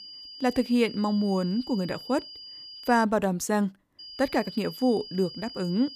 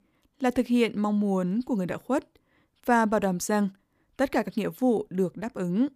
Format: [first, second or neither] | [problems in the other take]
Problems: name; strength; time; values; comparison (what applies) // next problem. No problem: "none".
second | high-pitched whine; noticeable; until 3 s and from 4 s on; 5 kHz, 15 dB below the speech